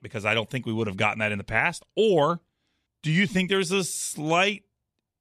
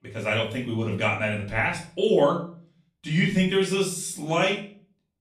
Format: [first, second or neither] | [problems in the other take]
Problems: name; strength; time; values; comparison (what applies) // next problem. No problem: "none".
first | room echo; slight; dies away in 0.4 s // off-mic speech; far